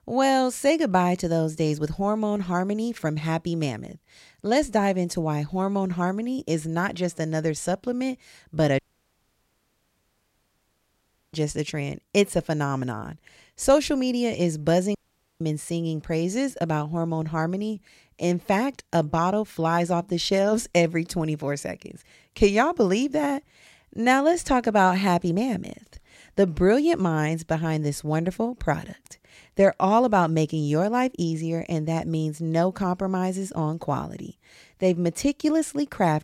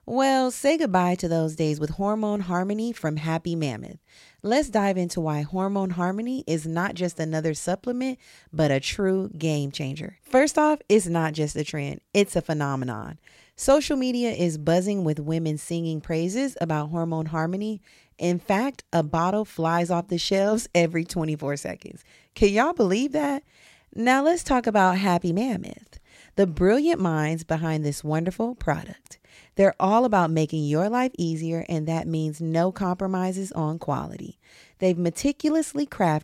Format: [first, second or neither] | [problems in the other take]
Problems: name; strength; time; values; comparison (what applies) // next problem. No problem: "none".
second | audio cutting out; at 9 s for 2.5 s and at 15 s